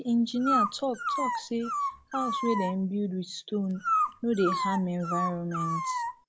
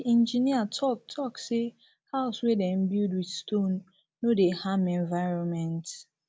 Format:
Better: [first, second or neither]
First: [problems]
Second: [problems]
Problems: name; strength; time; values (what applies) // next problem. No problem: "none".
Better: second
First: background sound (Dog); 1 dB below the speech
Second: none